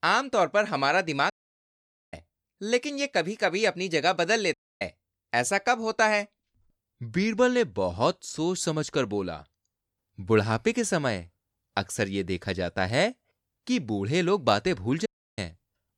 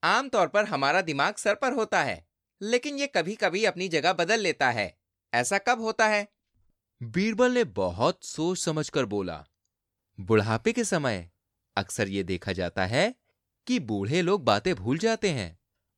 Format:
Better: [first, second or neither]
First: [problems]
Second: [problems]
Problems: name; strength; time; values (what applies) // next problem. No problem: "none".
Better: second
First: audio cutting out; at 1.5 s for 1 s, at 4.5 s and at 15 s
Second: none